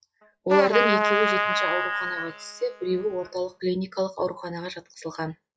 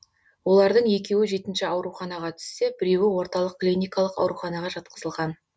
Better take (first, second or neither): second